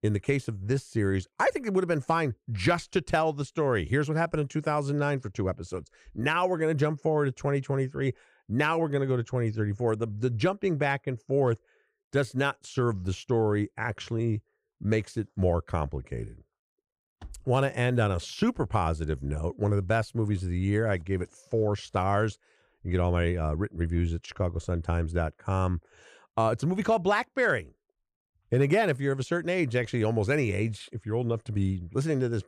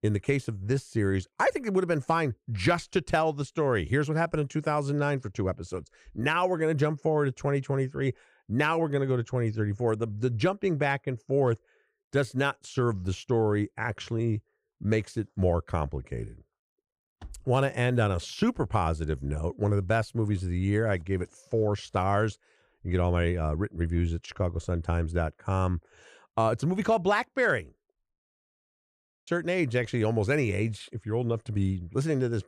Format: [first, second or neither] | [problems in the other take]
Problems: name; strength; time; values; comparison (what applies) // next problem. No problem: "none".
first | audio cutting out; at 28 s for 1 s